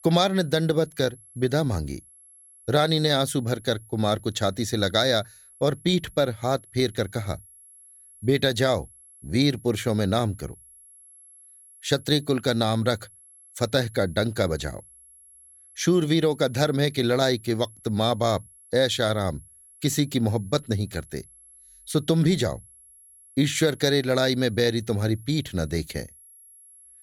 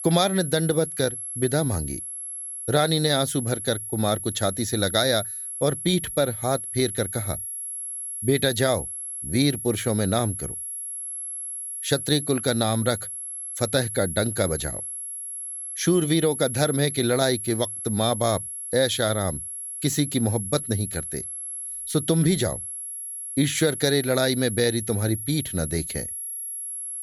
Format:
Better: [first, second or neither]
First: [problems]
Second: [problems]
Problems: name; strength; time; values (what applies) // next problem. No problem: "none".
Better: first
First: high-pitched whine; faint; throughout; 11 kHz, 25 dB below the speech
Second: high-pitched whine; loud; throughout; 11 kHz, 6 dB below the speech